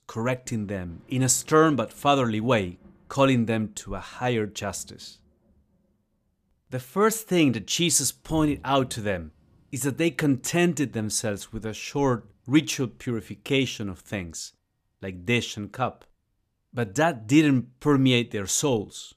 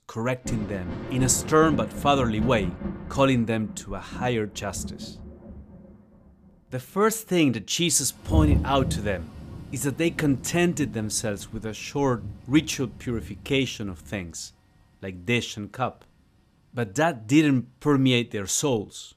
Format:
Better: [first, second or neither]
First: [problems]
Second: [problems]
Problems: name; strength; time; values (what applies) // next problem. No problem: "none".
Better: first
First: rain or running water; faint; throughout; 30 dB below the speech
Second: rain or running water; loud; throughout; 9 dB below the speech